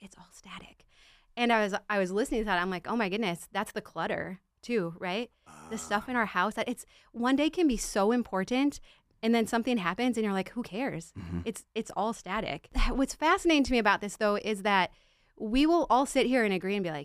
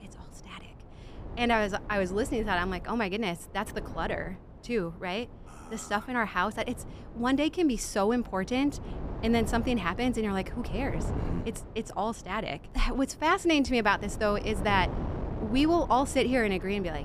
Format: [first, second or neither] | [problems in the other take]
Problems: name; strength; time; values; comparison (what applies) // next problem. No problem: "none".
first | wind noise on the microphone; occasional gusts; 15 dB below the speech